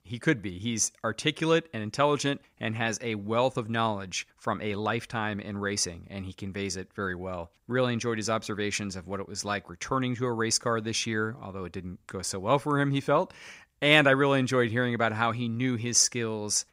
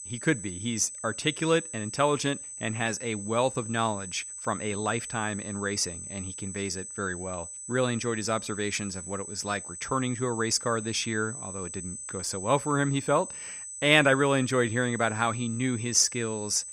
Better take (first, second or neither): first